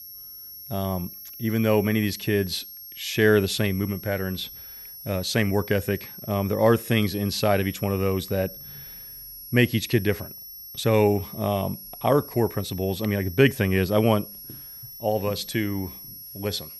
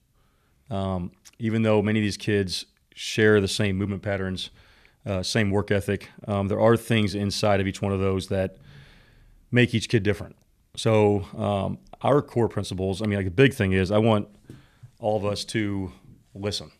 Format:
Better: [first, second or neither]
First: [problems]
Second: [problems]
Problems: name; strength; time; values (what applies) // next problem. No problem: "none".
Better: second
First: high-pitched whine; noticeable; throughout; 11.5 kHz, 15 dB below the speech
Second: none